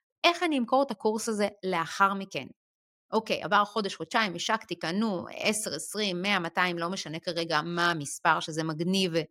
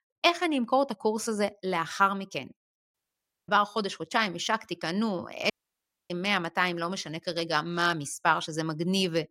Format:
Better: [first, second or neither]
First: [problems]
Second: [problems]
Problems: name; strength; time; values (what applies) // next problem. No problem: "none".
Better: first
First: none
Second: audio cutting out; at 3 s for 0.5 s and at 5.5 s for 0.5 s